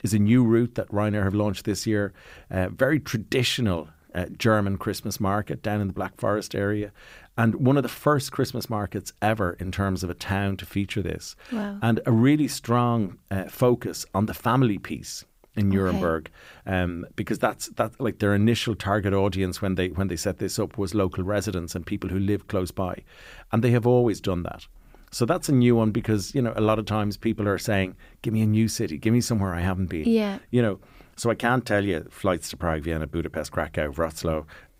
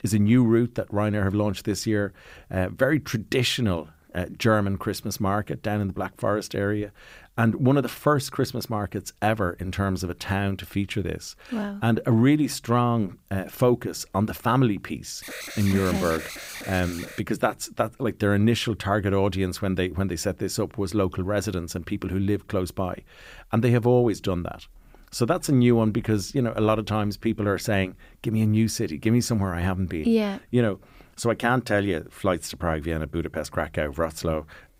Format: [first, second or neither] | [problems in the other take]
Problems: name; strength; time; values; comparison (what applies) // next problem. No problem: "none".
first | alarm; noticeable; from 15 to 17 s; peak 9 dB below the speech